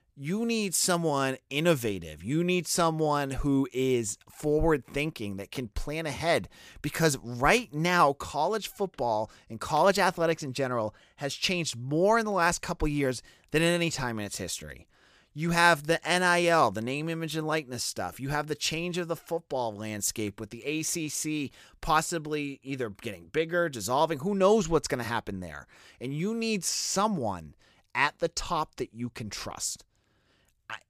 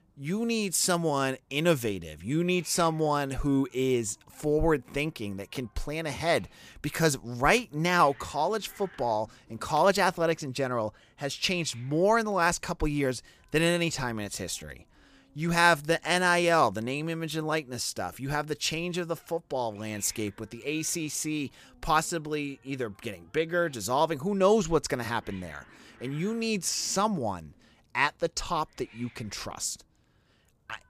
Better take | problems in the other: first | hiss; faint; throughout; 30 dB below the speech

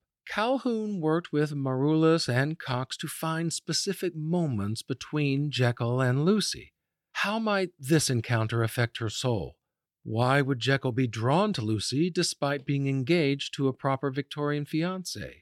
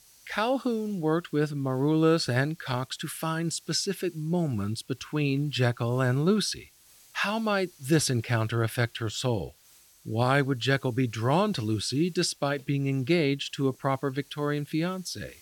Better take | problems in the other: first | hiss; faint; throughout; 25 dB below the speech

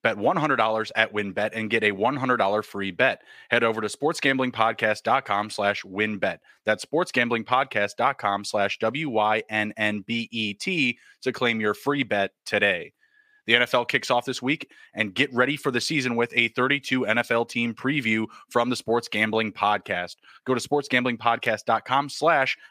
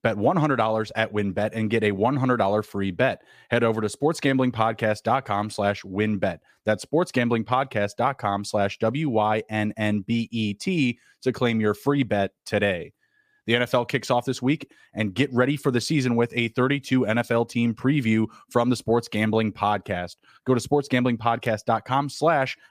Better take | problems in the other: second | thin; very slightly; fading below 300 Hz

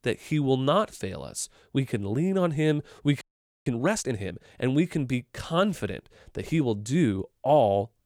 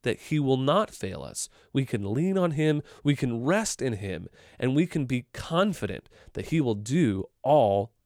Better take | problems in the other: second | audio freezing; at 3 s

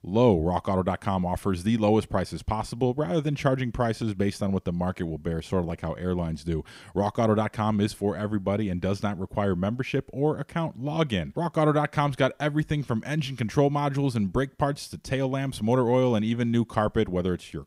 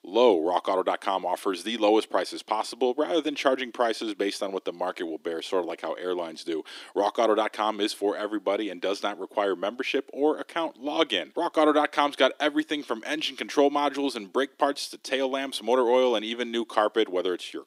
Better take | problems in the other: first | thin; somewhat; fading below 300 Hz

